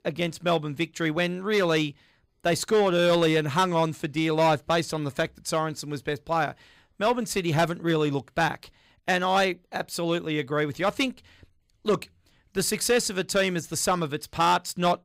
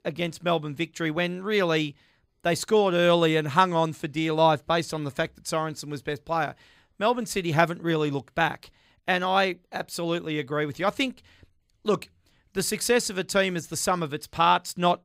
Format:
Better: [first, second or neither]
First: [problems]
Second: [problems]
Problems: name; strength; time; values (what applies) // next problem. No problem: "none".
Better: second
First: distortion; slight; 4% of the sound clipped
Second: none